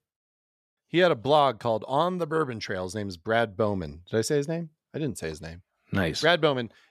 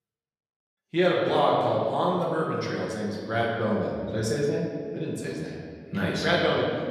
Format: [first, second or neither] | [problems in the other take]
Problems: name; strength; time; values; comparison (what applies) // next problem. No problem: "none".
first | room echo; noticeable; dies away in 1.9 s // off-mic speech; far